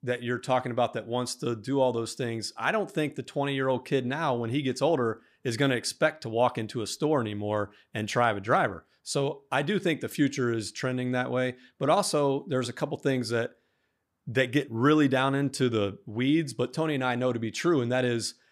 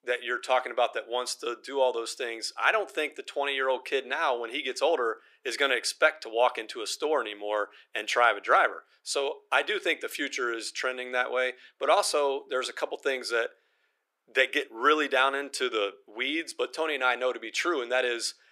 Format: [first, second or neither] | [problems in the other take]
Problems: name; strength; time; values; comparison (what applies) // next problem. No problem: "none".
first | thin; very; fading below 400 Hz